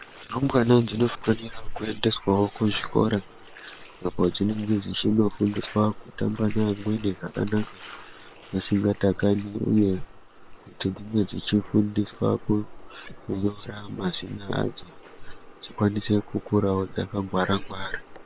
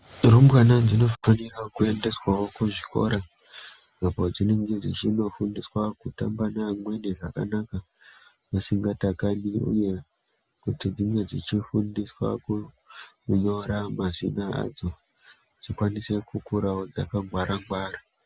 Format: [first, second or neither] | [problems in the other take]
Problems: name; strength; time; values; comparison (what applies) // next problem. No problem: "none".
second | noise reduction (neural separator model SepFormer WHAM!)